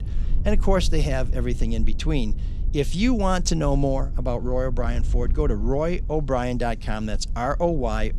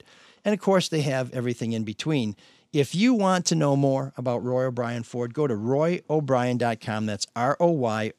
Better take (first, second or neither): second